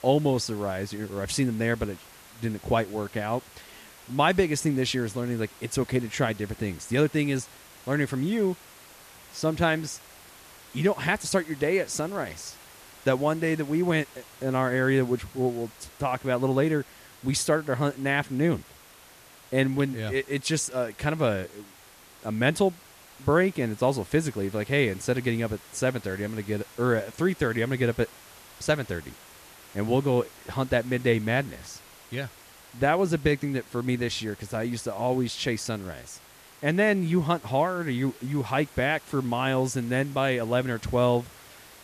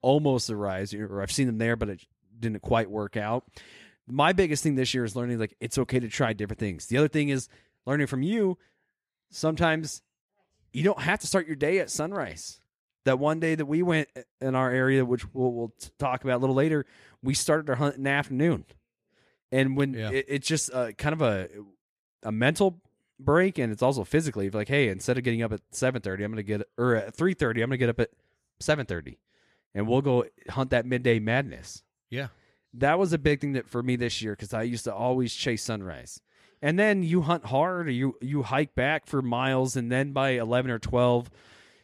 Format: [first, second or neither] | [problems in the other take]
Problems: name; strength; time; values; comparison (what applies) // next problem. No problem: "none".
second | hiss; faint; throughout; 20 dB below the speech